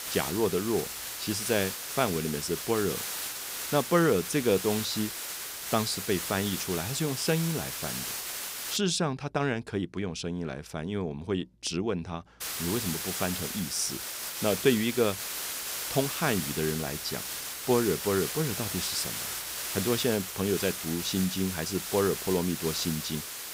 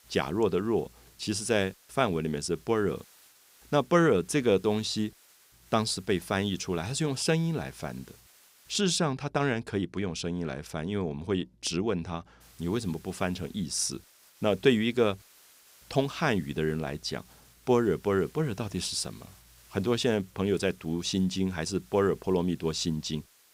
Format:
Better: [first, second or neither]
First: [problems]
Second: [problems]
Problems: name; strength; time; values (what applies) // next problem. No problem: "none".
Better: second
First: hiss; loud; until 9 s and from 12 s on; 4 dB below the speech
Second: hiss; faint; until 9 s and from 12 s on; 25 dB below the speech